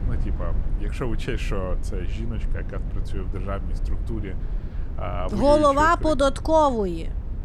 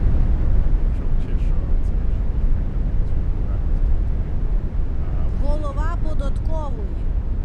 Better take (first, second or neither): first